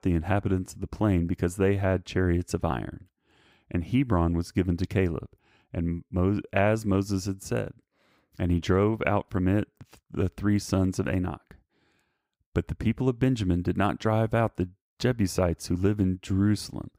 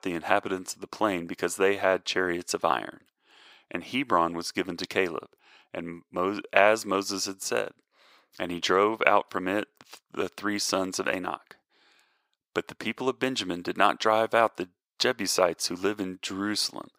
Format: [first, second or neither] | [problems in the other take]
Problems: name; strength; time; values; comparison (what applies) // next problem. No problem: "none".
first | thin; very; fading below 500 Hz